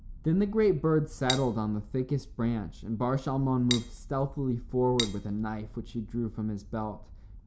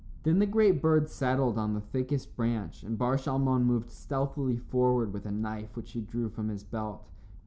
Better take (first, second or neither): second